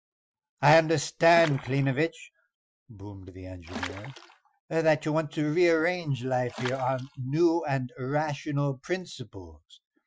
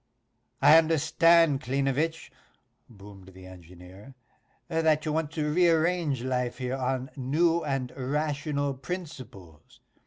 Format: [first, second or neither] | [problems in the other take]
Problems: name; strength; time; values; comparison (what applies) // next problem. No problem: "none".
second | noise reduction (classical method Wiener filter)